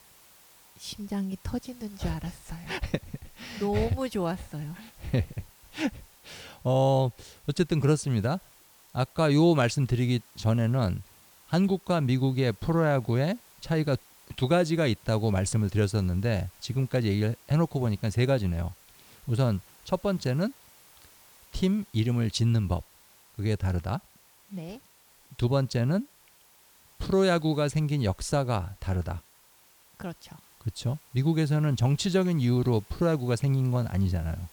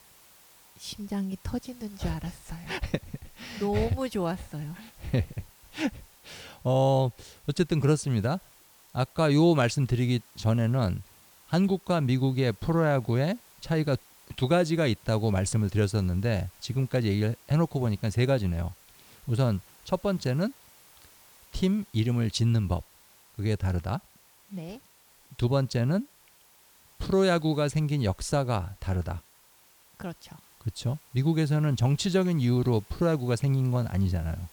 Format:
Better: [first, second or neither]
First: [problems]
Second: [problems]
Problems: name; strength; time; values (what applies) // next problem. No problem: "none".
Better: neither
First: hiss; faint; throughout; 25 dB below the speech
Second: hiss; faint; throughout; 25 dB below the speech